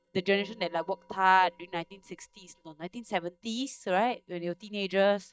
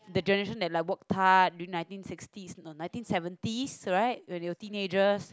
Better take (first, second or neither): second